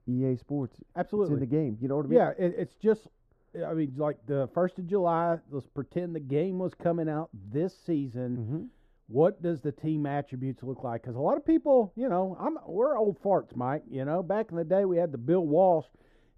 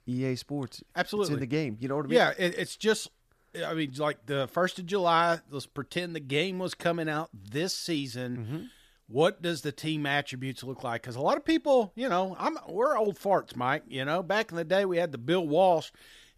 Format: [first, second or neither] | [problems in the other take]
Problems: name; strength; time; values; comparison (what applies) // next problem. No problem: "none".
second | muffled; very; fading above 1.5 kHz